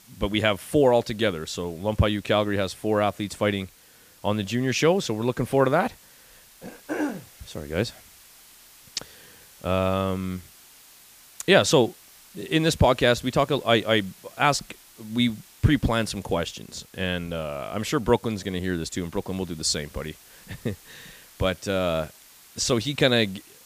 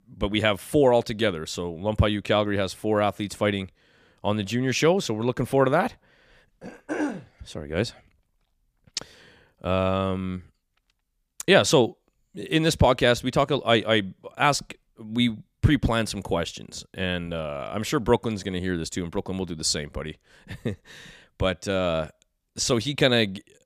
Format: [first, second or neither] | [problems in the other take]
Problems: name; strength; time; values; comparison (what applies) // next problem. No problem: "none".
second | hiss; faint; throughout; 25 dB below the speech